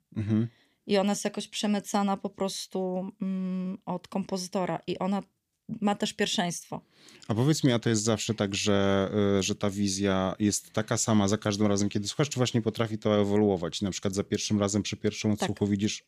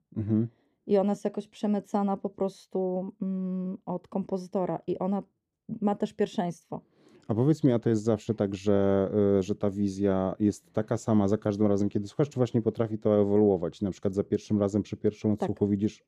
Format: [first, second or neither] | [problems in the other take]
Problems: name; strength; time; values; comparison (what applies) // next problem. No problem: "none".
first | muffled; very; fading above 1.5 kHz